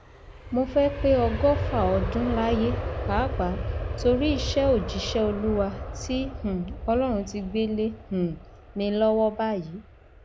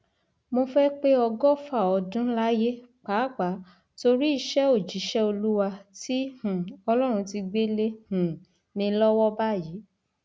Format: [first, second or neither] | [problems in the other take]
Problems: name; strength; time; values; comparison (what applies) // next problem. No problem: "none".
second | background sound (Aircraft); 6 dB below the speech